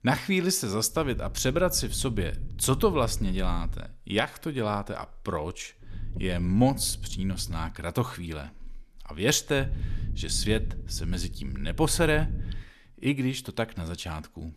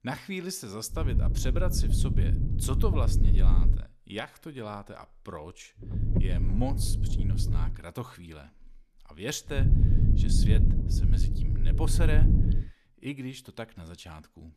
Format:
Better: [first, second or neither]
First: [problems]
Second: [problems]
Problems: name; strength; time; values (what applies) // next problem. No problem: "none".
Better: first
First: low rumble; faint; from 1 to 3.5 s, from 6 to 7.5 s and from 9.5 to 13 s; 20 dB below the speech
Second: low rumble; loud; from 1 to 3.5 s, from 6 to 7.5 s and from 9.5 to 13 s; 3 dB below the speech